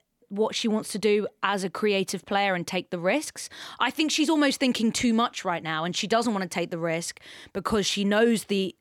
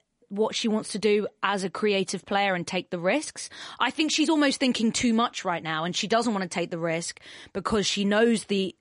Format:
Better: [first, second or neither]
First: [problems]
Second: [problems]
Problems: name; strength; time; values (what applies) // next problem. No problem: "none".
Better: first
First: none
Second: garbled, watery; slightly; nothing above 10.5 kHz